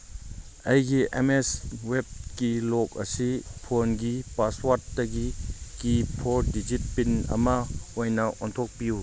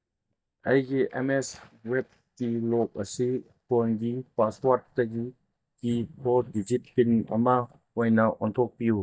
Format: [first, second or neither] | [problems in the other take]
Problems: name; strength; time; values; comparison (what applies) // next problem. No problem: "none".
first | noise reduction (neural mask model DeepFilterNet 3)